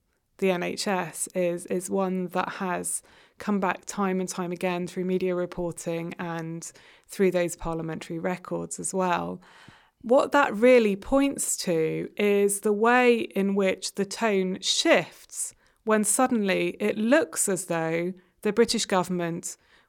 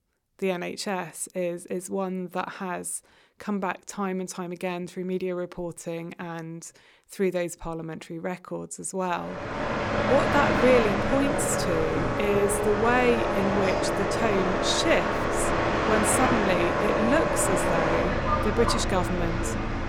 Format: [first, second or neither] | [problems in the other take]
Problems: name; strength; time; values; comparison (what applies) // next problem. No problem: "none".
first | train or aircraft noise; very loud; from 9.5 s on; 2 dB above the speech